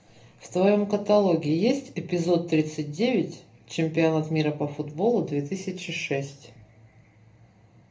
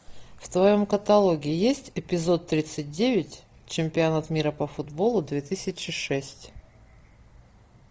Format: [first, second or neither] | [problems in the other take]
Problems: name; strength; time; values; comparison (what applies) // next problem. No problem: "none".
second | room echo; dies away in 0.3 s